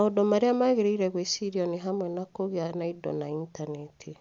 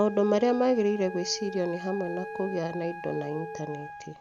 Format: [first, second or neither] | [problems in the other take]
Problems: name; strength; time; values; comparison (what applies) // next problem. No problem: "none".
first | background sound (Wind instrument, woodwind instrument + Telephone); 12 dB below the speech